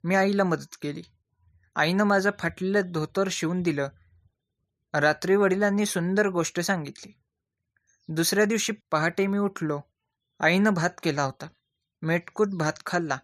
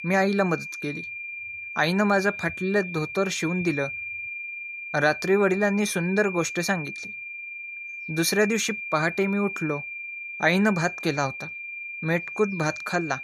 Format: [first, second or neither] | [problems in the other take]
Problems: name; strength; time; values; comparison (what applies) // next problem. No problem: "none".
first | high-pitched whine; loud; throughout; 2.5 kHz, 8 dB below the speech